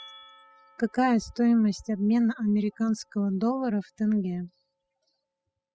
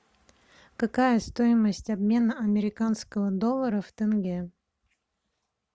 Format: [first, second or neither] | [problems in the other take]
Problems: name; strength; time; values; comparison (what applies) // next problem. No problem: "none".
second | noise reduction (classical method spectral subtraction)